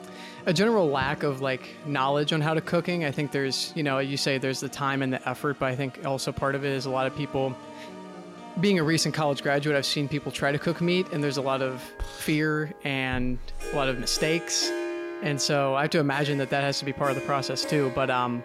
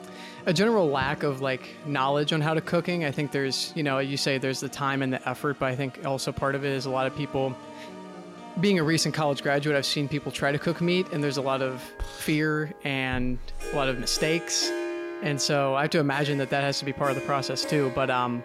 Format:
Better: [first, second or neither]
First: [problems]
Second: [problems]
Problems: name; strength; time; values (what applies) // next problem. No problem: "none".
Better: neither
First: background music; noticeable; throughout; 15 dB below the speech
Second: background music; noticeable; throughout; 15 dB below the speech